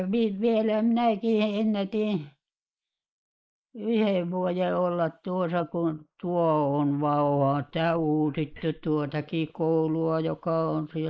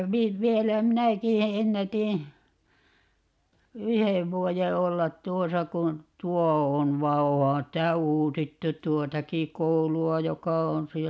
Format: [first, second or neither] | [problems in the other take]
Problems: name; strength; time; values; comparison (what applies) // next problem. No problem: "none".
second | noise reduction (neural mask model Resemble Enhance denoiser)